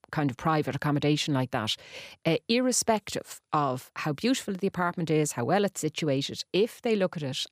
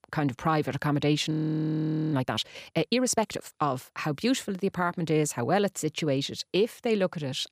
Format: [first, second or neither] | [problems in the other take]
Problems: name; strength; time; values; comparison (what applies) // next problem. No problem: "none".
first | audio freezing; at 1.5 s for 1 s